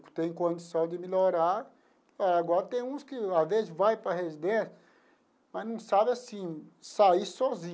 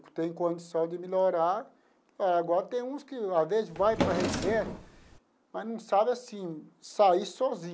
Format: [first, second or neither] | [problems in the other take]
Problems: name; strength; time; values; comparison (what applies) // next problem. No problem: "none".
first | background sound (Drawer open or close); 3 dB below the speech